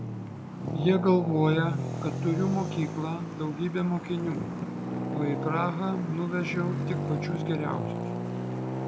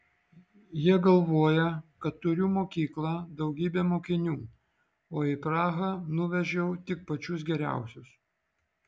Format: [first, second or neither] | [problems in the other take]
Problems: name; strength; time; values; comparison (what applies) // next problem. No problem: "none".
second | background sound (Traffic noise, roadway noise); 3 dB below the speech